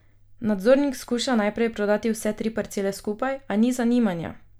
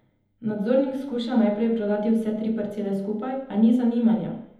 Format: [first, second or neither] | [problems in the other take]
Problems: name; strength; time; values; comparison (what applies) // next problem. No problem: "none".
first | room echo; dies away in 1 s